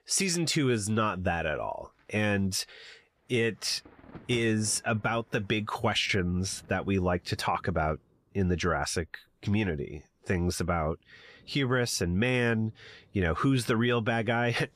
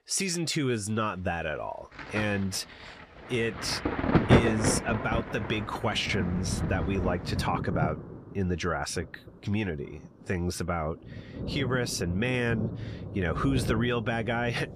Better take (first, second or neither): first